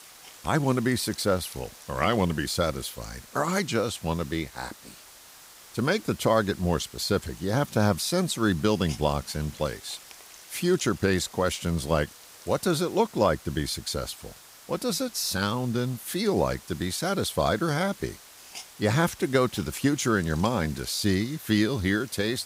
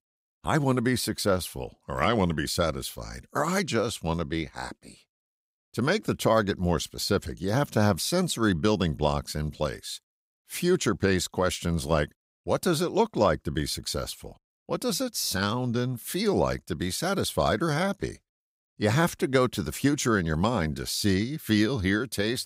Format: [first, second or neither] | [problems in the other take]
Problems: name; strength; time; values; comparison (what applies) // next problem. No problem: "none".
second | hiss; noticeable; throughout; 20 dB below the speech